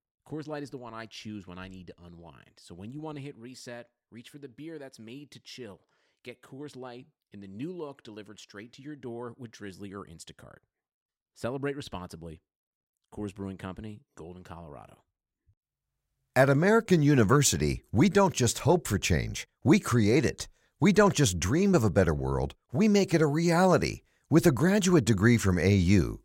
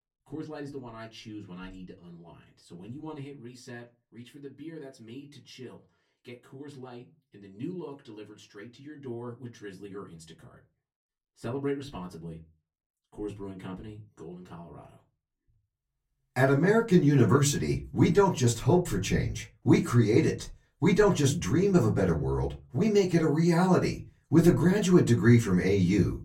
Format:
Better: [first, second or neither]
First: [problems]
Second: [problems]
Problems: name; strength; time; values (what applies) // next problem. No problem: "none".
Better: first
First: none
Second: off-mic speech; far // room echo; very slight; dies away in 0.2 s